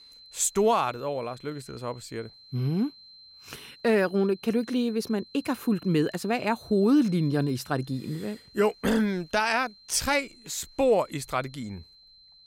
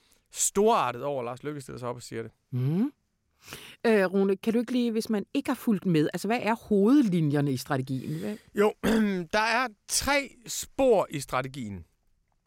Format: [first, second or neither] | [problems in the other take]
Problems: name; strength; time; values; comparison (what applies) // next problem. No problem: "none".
second | high-pitched whine; faint; throughout; 4 kHz, 25 dB below the speech